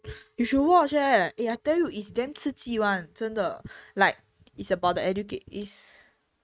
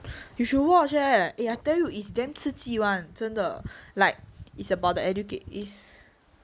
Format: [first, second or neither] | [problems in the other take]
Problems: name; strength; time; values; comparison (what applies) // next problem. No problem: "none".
second | noise reduction (neural mask model RNNoise)